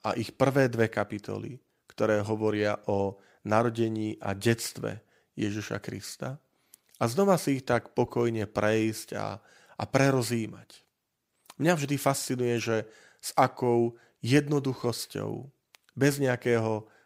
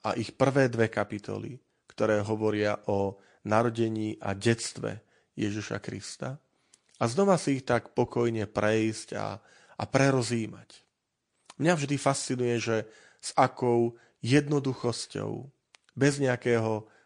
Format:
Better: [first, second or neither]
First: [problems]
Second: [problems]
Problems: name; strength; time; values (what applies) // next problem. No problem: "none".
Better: first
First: none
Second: garbled, watery; slightly; nothing above 8.5 kHz